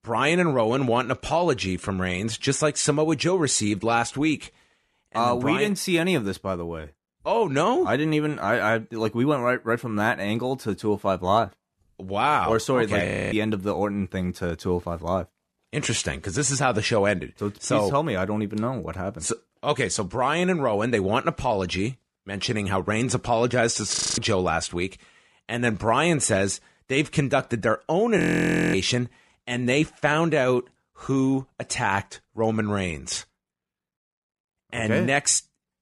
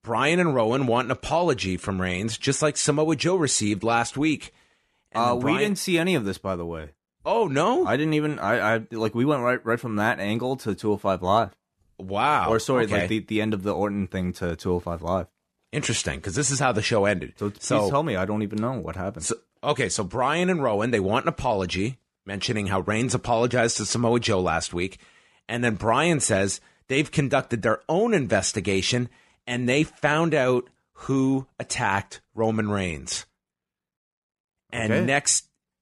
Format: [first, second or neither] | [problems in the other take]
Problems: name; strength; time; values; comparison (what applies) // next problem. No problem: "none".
second | audio freezing; at 13 s, at 24 s and at 28 s for 0.5 s